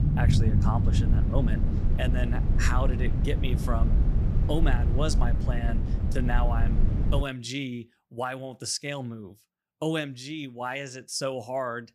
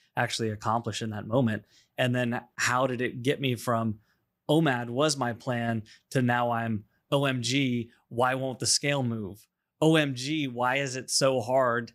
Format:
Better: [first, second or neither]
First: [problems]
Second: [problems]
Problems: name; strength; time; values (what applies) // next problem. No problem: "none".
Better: second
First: low rumble; loud; until 7 s; 6 dB below the speech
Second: none